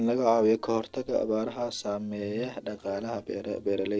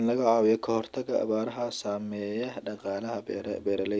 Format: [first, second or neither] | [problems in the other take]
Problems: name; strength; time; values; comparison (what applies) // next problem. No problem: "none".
second | noise reduction (neural separator model SepFormer DNS4)